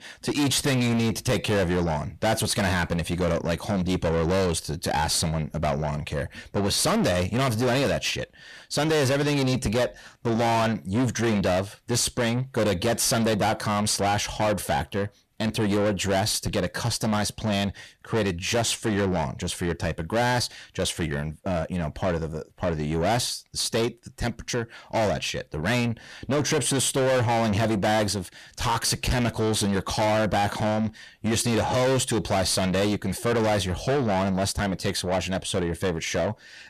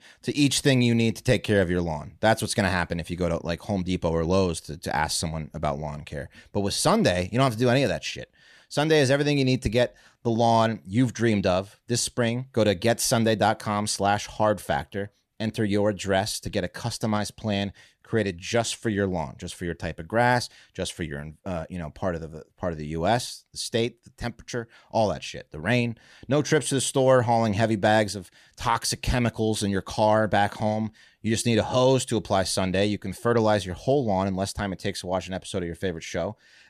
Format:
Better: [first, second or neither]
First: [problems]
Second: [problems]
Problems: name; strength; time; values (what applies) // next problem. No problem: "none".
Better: second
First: distortion; heavy; 6 dB below the speech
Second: none